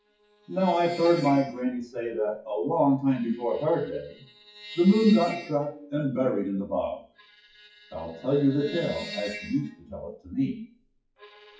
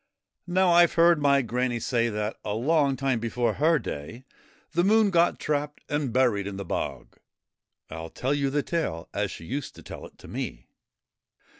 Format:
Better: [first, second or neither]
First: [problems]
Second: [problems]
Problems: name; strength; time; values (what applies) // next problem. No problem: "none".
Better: second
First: noise reduction (classical method WPE with log-MMSE)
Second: none